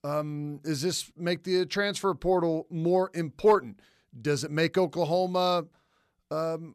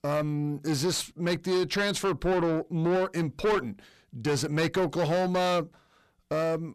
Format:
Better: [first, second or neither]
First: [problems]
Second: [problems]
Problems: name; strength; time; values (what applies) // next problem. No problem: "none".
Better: first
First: none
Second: distortion; heavy; 7 dB below the speech